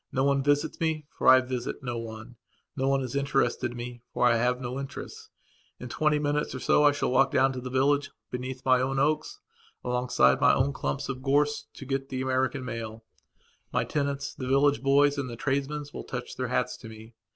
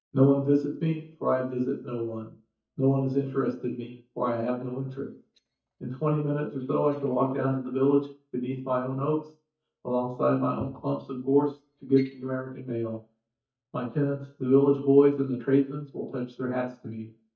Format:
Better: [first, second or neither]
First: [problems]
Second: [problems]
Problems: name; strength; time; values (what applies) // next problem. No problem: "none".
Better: first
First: none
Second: noise reduction (neural mask model DeepFilterNet 3)